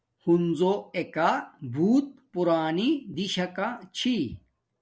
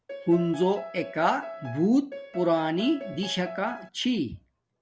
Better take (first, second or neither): first